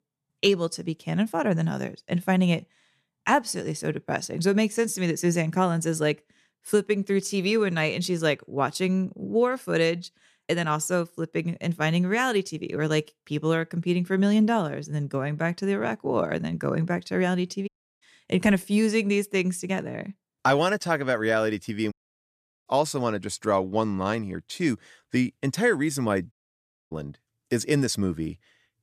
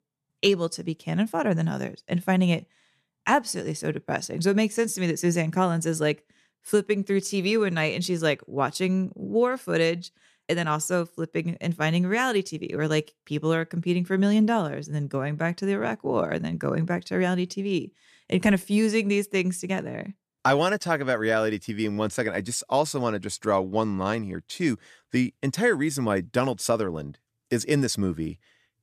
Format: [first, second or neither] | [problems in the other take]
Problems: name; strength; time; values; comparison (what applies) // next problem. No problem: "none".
second | audio cutting out; at 18 s, at 22 s for 0.5 s and at 26 s for 0.5 s